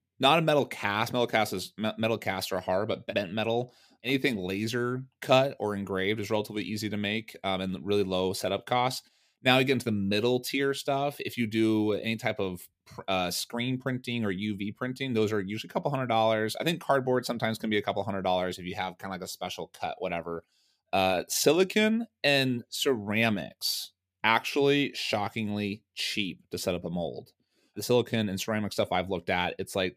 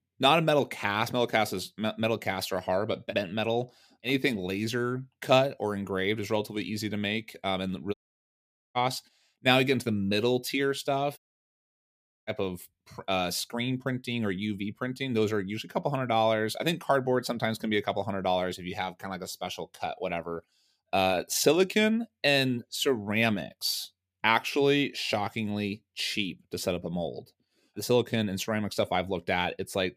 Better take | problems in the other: first | audio cutting out; at 8 s for 1 s and at 11 s for 1 s

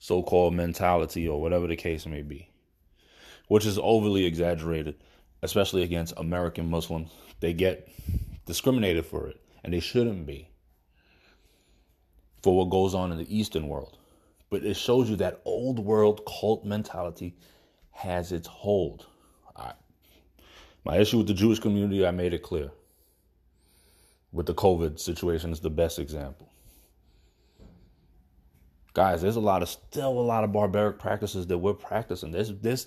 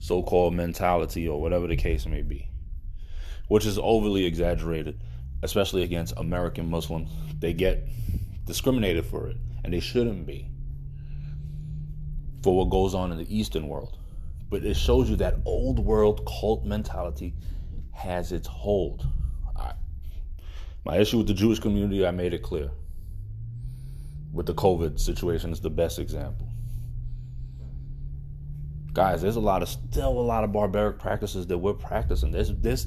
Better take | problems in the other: first | low rumble; faint; throughout; 25 dB below the speech

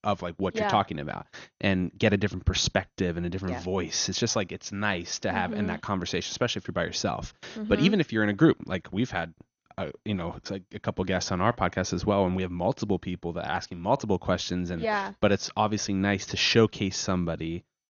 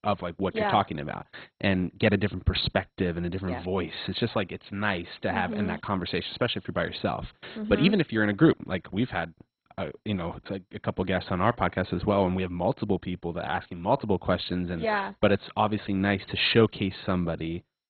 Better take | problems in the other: first | garbled, watery; badly; nothing above 4 kHz; slightly in the first

